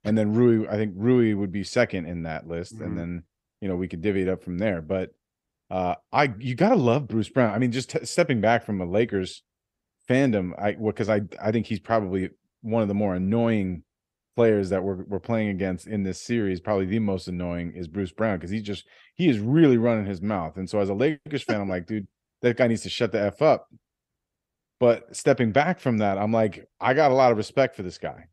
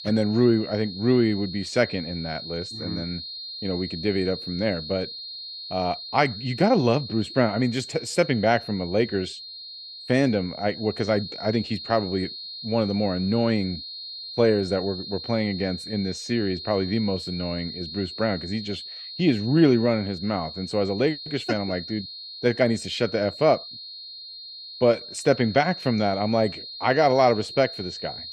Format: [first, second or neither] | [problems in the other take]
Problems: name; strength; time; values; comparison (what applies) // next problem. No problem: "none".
first | high-pitched whine; noticeable; throughout; 4 kHz, 10 dB below the speech